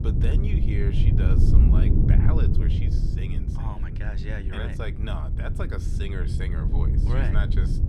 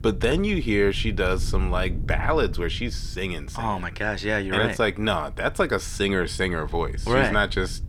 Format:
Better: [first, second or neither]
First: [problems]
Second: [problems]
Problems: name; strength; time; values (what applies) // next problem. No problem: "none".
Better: second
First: wind noise on the microphone; heavy; as loud as the speech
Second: wind noise on the microphone; occasional gusts; 25 dB below the speech